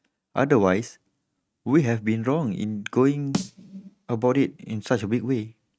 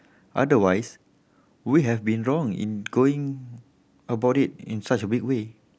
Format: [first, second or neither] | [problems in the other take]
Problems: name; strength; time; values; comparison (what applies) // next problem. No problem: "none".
second | noise reduction (neural mask model RNNoise)